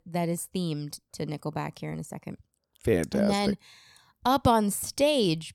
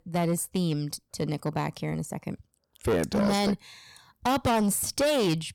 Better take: first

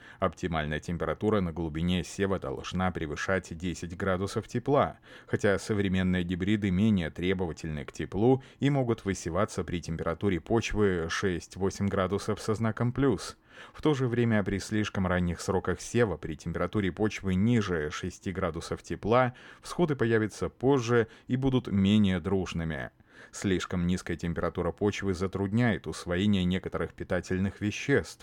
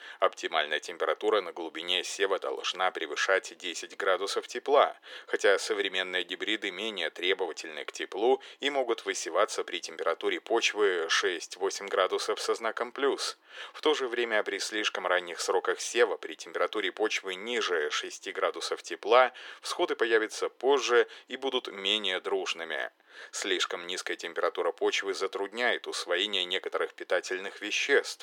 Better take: first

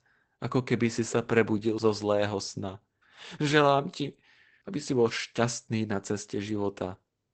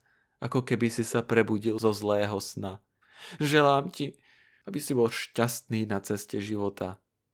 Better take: second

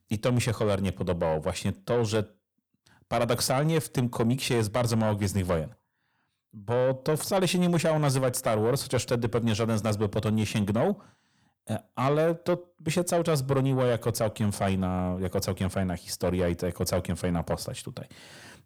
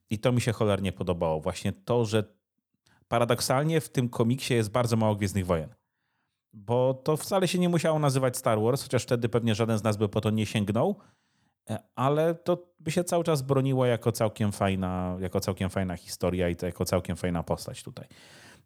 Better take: second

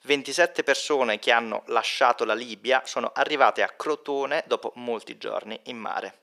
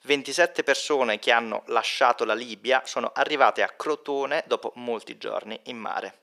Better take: neither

